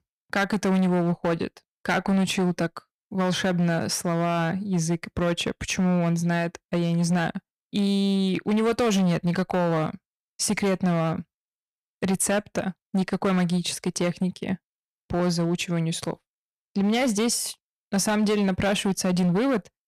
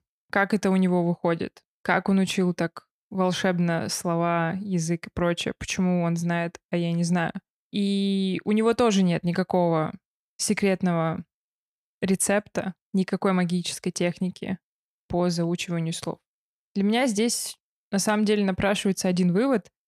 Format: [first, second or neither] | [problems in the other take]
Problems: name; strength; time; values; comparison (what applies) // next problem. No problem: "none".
second | distortion; slight; 12% of the sound clipped